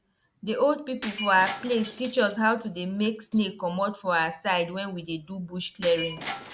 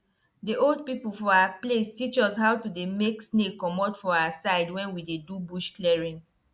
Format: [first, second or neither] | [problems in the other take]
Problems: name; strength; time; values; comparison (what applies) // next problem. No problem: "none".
second | background sound (Shatter); 15 dB below the speech